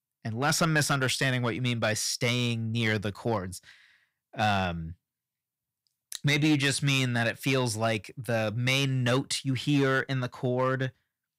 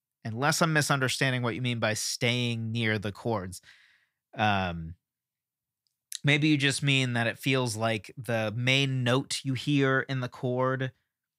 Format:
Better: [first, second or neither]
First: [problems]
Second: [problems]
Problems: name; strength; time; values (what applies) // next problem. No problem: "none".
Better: second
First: distortion; slight; 3% of the sound clipped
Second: none